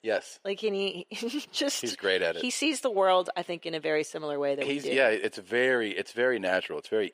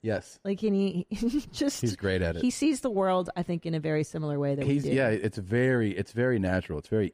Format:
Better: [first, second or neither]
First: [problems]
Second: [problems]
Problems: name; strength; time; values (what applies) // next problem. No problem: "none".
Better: second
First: thin; somewhat; fading below 500 Hz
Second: none